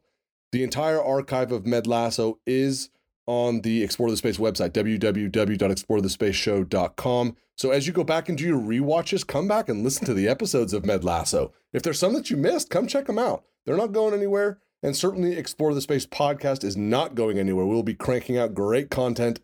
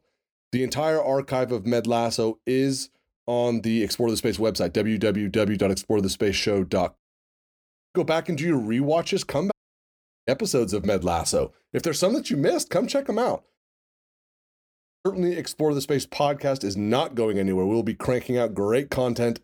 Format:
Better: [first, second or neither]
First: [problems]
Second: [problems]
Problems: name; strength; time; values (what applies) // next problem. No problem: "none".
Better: first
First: none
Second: audio cutting out; at 7 s for 1 s, at 9.5 s for 1 s and at 14 s for 1.5 s